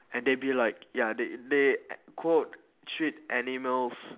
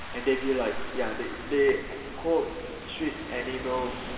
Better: first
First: none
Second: background sound (Rain / Thunderstorm); 8 dB below the speech // room echo; dies away in 2.1 s

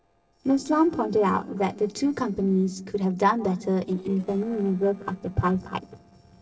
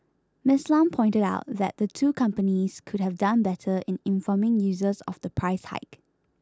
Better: second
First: noise reduction (neural separator model SepFormer DNS4)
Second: none

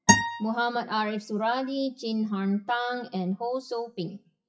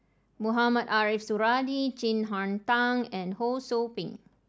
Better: second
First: noise reduction (classical method WPE with log-MMSE)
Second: none

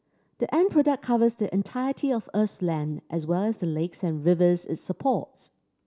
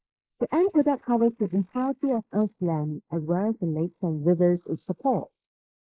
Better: first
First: none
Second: noise reduction (neural mask model Resemble Enhance denoiser)

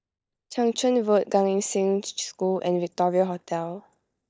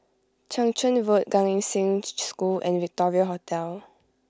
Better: second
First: noise reduction (neural mask model DeepFilterNet 3)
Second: none

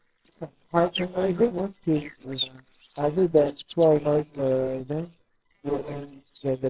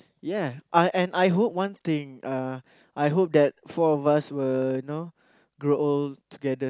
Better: second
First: noise reduction (neural separator model SepFormer WHAMR!)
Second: none

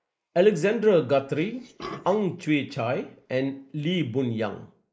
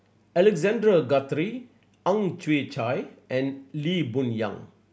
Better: second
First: noise reduction (neural mask model Resemble Enhance denoiser)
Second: none

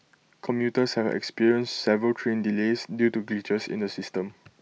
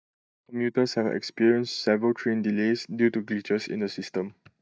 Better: first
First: none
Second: noise reduction (neural mask model DeepFilterNet 3)

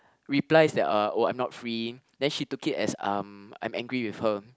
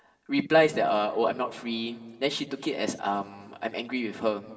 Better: first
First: none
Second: room echo; dies away in 2 s

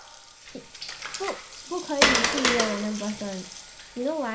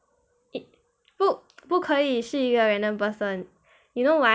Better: second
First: background sound (Water); 3 dB above the speech // room echo; dies away in 0.3 s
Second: none

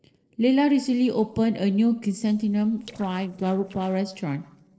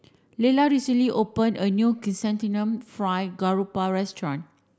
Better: second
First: noise reduction (neural separator model SepFormer DNS4)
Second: none

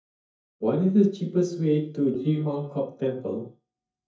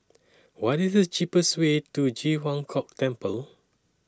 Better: second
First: noise reduction (neural mask model DeepFilterNet 3)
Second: none

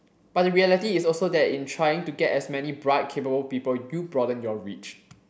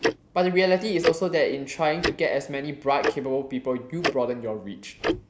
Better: first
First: none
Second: background sound (Tick-tock); 6 dB below the speech

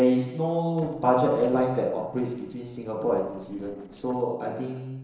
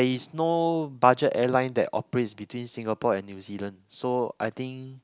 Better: second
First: noise reduction (neural separator model SepFormer DNS4)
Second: none

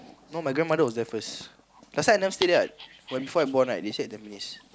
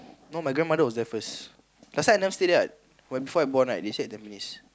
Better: second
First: background sound (Dog); 18 dB below the speech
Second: none

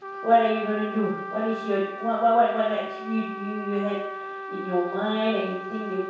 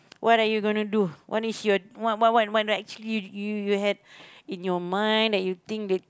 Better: second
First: background sound (Trumpet); 10 dB below the speech // room echo; dies away in 0.7 s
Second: none

